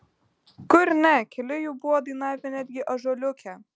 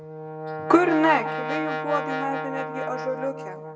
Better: first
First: none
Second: background sound (Brass instrument); 5 dB below the speech // room echo; dies away in 0.7 s

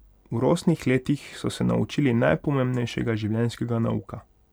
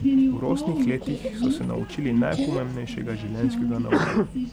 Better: first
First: none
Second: background sound (Sneeze); 5 dB above the speech

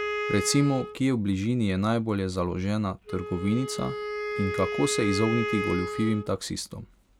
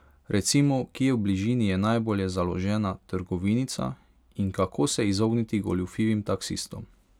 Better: second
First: background sound (Wind instrument, woodwind instrument); 7 dB below the speech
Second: none

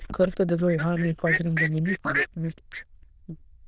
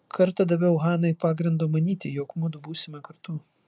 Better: second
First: noise reduction (neural diffusion model UNIVERSE++)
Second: none

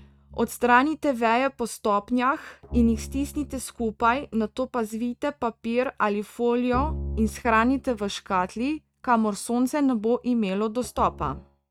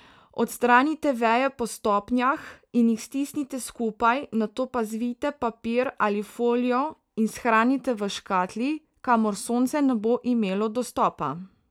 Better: second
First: noise reduction (neural mask model RNNoise)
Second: none

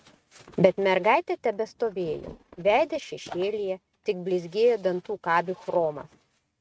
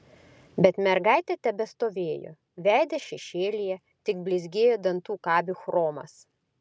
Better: second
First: noise reduction (neural mask model RNNoise)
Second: none

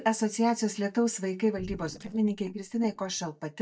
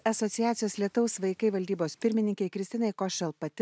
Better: second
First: noise reduction (neural mask model DeepFilterNet 3)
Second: none

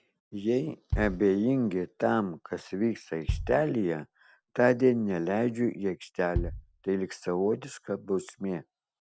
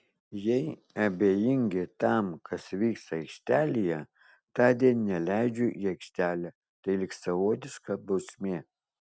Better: second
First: background sound (Bass drum); 10 dB below the speech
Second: none

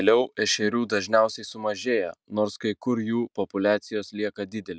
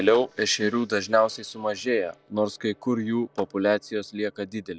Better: first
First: none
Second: noise reduction (neural separator model SepFormer DNS4)

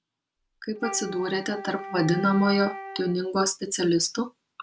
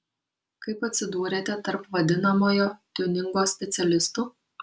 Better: second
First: background sound (Wind instrument, woodwind instrument); 12 dB below the speech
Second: none

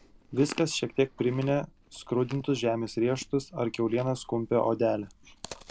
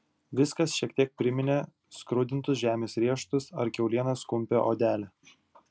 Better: second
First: background sound (Chewing, mastication); 19 dB below the speech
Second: none

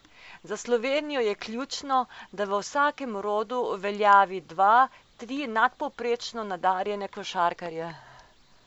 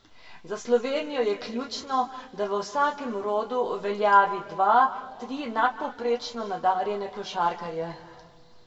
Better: first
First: none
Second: room echo; dies away in 1.5 s

